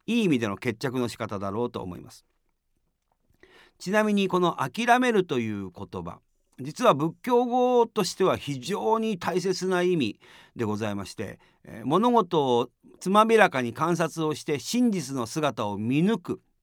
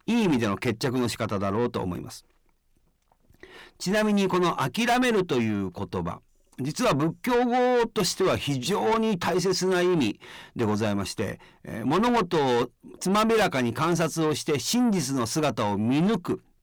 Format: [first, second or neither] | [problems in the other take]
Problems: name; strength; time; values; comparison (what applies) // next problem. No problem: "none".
first | distortion; heavy; 7 dB below the speech